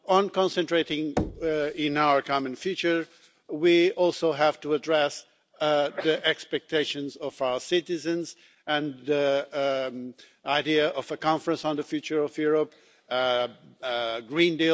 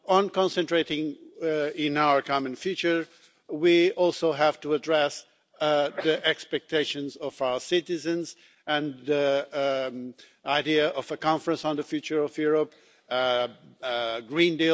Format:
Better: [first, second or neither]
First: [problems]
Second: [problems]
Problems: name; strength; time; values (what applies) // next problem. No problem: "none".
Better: second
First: background sound (Knock / Wood); 12 dB below the speech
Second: none